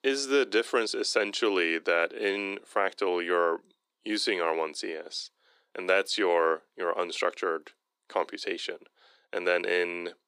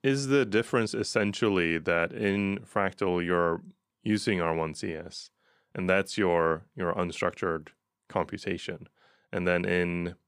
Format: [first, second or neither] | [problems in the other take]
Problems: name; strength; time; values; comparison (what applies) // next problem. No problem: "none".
second | thin; somewhat; fading below 300 Hz